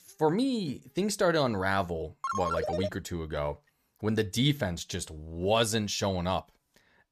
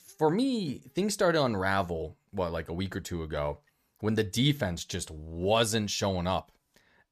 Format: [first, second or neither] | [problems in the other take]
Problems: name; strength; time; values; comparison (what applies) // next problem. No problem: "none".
second | phone ringing; noticeable; at 2 s; peak 1 dB below the speech